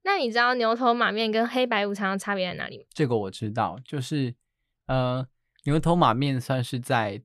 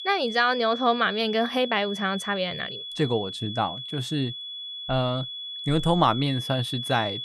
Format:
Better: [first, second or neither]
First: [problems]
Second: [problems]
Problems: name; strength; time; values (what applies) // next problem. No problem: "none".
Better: first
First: none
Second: high-pitched whine; loud; throughout; 3.5 kHz, 7 dB below the speech